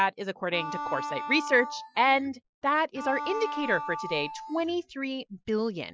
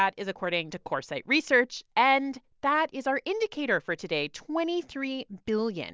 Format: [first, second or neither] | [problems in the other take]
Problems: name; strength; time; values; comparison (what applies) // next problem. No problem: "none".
second | noise reduction (classical method Wiener filter)